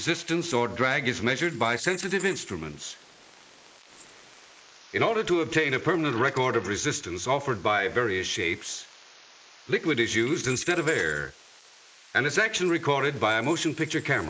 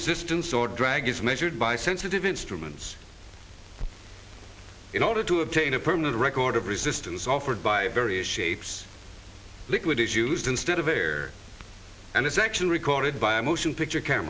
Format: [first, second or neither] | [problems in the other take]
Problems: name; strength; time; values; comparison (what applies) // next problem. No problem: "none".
second | noise reduction (neural mask model Resemble Enhance denoiser)